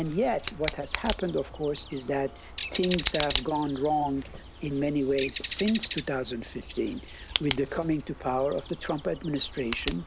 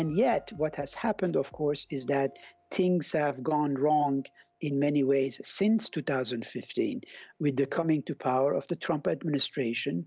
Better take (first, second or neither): second